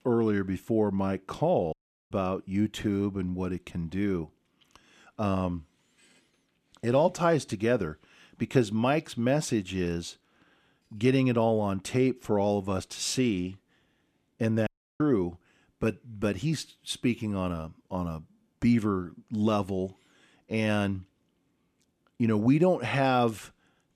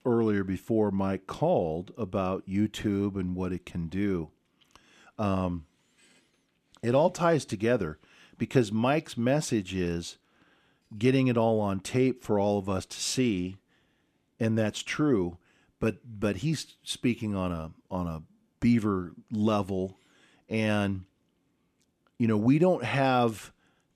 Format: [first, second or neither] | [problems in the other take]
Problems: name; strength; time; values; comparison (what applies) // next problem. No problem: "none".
second | audio cutting out; at 1.5 s and at 15 s